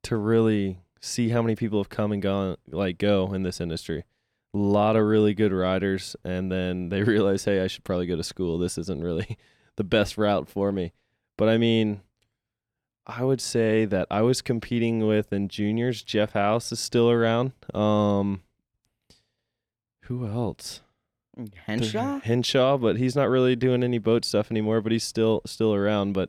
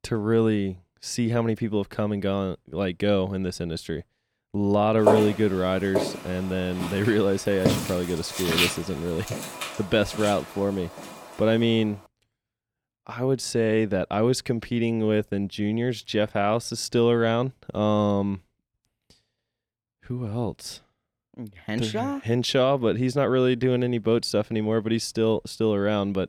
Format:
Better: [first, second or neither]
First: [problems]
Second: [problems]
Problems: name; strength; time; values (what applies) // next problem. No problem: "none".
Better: first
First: none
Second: footsteps; loud; from 5 to 9.5 s; peak 4 dB above the speech